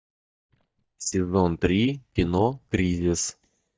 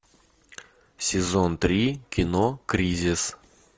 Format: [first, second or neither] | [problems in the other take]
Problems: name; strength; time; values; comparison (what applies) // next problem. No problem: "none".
second | noise reduction (neural mask model DeepFilterNet 3)